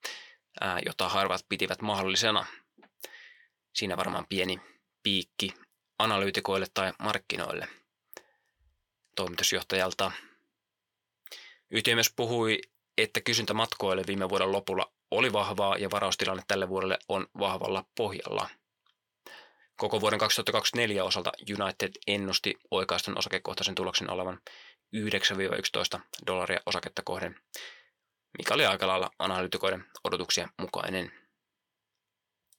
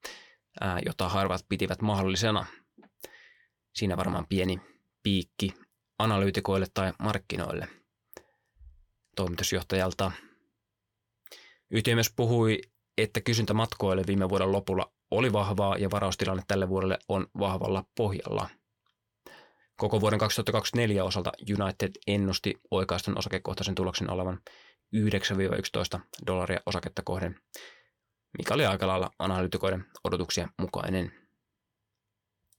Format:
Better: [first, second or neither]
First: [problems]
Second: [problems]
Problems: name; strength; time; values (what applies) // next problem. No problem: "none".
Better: second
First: thin; somewhat; fading below 500 Hz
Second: none